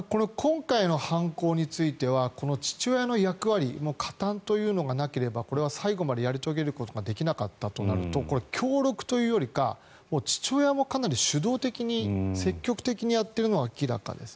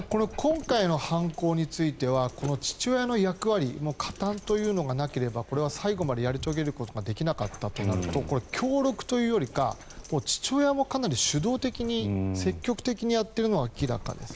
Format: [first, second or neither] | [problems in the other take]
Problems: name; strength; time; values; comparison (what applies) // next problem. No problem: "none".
first | background sound (Dog); 16 dB below the speech